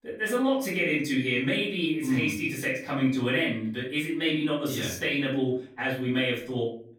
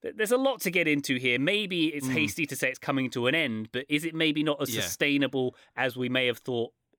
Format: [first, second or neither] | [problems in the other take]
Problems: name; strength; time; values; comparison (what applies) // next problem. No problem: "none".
second | off-mic speech; far // room echo; noticeable; dies away in 0.4 s